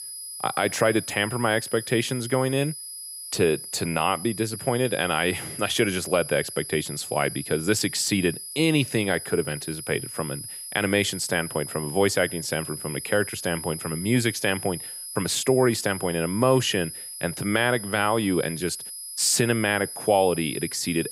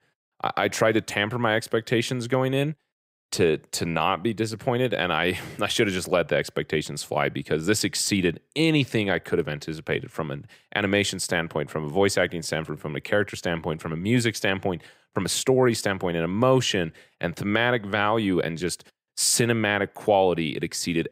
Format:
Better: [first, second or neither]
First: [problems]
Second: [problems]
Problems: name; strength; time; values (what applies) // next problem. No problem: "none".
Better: second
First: high-pitched whine; loud; throughout; 10 kHz, 9 dB below the speech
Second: none